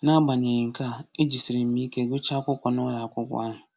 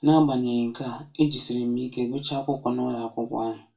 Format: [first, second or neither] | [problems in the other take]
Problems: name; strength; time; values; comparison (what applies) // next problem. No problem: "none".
first | room echo; dies away in 0.2 s